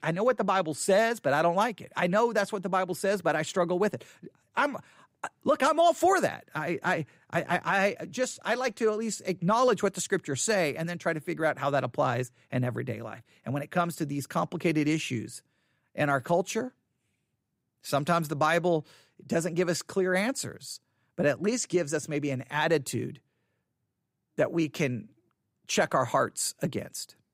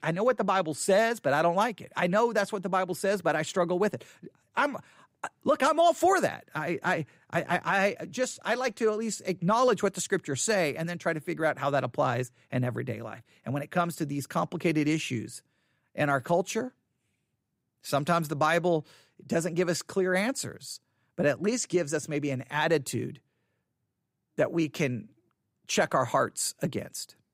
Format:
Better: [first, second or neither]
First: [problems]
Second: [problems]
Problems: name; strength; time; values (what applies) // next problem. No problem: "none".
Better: neither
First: none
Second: none